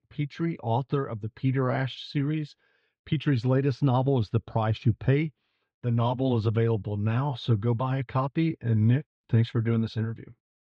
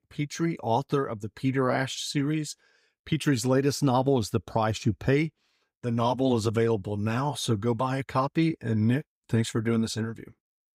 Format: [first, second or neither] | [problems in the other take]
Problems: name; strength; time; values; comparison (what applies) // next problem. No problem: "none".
second | muffled; slightly; fading above 3.5 kHz